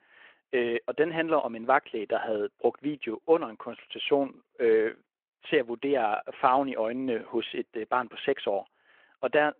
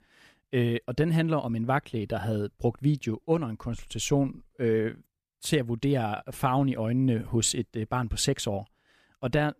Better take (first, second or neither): second